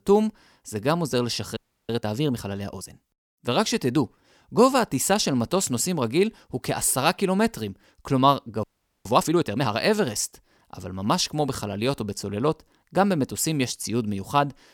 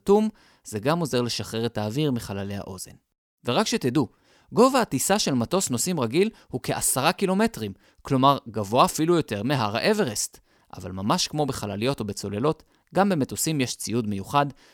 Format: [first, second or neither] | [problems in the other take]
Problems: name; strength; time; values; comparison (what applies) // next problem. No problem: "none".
second | audio freezing; at 1.5 s and at 8.5 s